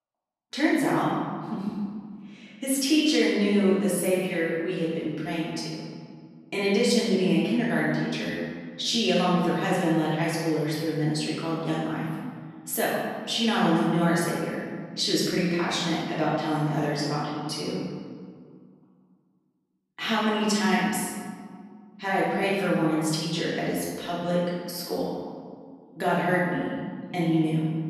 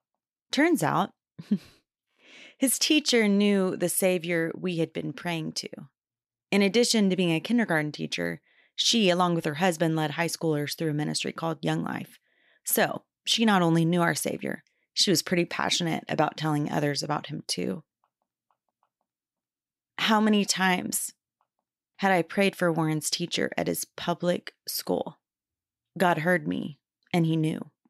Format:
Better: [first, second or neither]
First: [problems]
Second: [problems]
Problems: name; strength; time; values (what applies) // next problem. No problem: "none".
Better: second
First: room echo; strong; dies away in 1.7 s // off-mic speech; far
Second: none